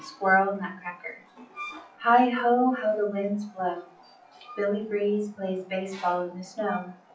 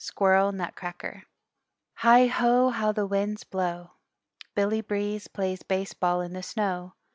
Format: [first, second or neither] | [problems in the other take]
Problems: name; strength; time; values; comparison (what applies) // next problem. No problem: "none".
second | noise reduction (classical method WPE with log-MMSE)